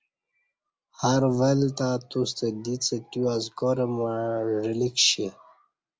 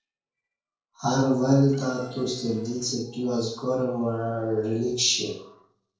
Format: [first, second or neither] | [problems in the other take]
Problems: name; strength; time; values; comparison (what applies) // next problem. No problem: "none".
first | noise reduction (neural separator model SepFormer DNS4)